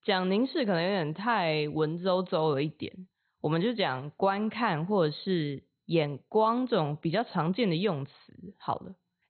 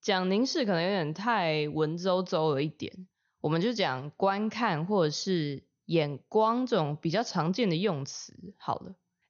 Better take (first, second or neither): second